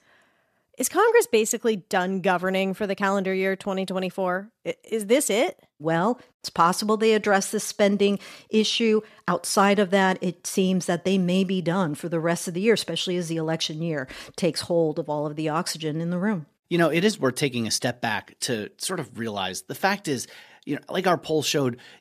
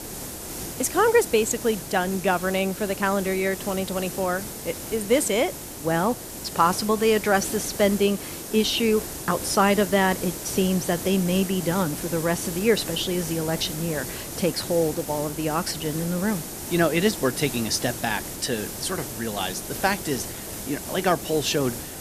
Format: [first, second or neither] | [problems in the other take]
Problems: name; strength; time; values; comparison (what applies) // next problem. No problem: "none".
first | hiss; loud; throughout; 8 dB below the speech